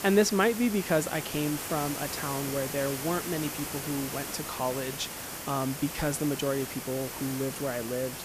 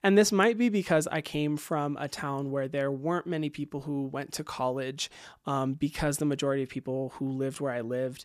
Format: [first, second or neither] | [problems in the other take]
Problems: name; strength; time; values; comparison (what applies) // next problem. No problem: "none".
second | hiss; loud; throughout; 5 dB below the speech